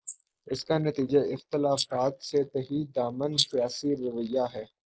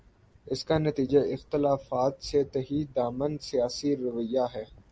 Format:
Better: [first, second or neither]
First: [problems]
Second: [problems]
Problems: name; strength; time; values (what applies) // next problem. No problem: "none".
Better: second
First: noise reduction (neural mask model Resemble Enhance denoiser)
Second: none